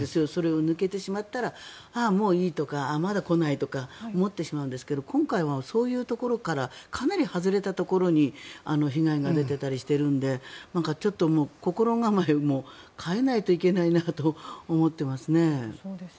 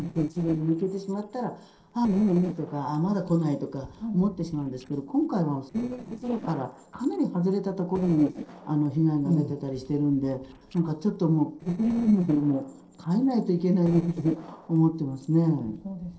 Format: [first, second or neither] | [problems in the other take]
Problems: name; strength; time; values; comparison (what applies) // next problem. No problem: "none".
first | noise reduction (neural separator model SepFormer DNS4)